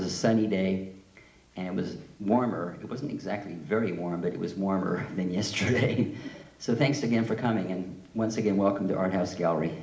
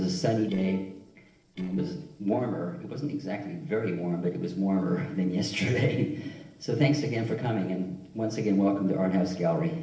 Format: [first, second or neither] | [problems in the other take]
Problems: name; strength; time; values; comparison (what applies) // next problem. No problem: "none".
first | noise reduction (neural separator model SepFormer DNS4)